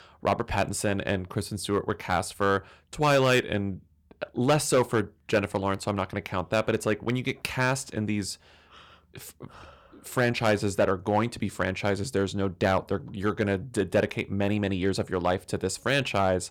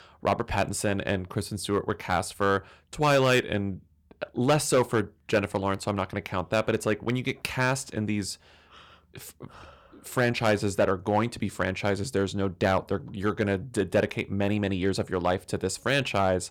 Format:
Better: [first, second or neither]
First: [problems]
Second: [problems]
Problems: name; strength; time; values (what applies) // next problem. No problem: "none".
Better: neither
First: distortion; slight; 2% of the sound clipped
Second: distortion; slight; 2% of the sound clipped